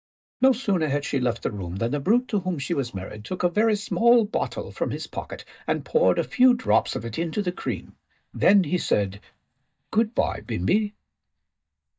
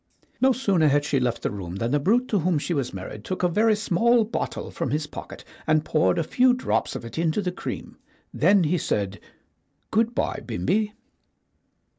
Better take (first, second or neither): second